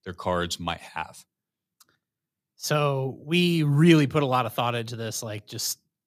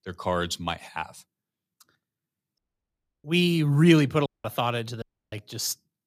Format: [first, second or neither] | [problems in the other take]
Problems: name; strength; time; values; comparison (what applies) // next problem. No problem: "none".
first | audio cutting out; at 2.5 s for 0.5 s, at 4.5 s and at 5 s